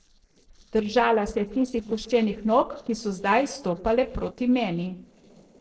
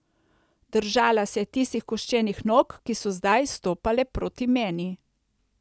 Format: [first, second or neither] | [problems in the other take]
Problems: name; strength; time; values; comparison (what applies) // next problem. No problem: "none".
second | noise reduction (neural separator model SepFormer DNS4)